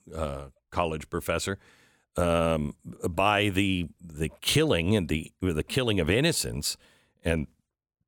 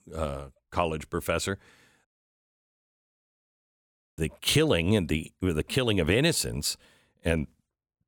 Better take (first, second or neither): first